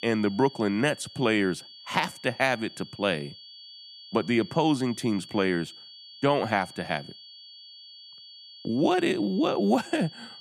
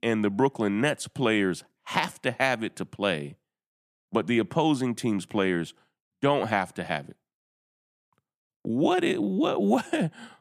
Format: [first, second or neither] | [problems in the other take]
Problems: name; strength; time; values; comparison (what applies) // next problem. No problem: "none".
second | high-pitched whine; noticeable; throughout; 4.5 kHz, 20 dB below the speech